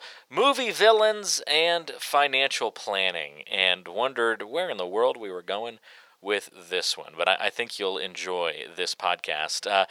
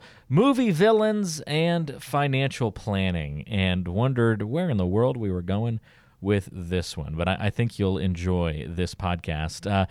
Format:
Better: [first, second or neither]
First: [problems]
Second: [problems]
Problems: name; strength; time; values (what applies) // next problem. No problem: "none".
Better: second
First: thin; very; fading below 500 Hz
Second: none